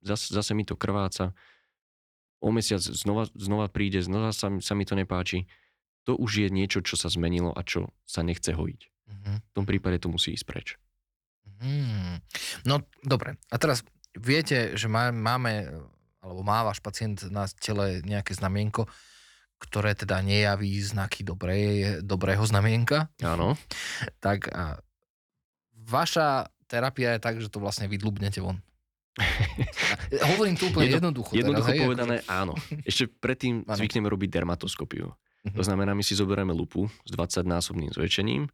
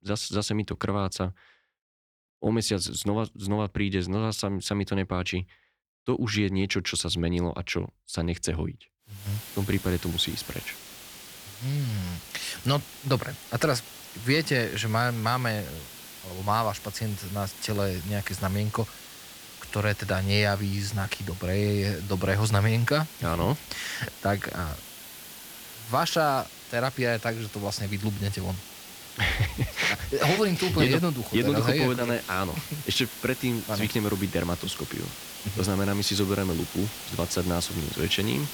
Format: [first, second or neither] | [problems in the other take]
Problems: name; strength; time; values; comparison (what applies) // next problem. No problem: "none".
first | hiss; noticeable; from 9 s on; 10 dB below the speech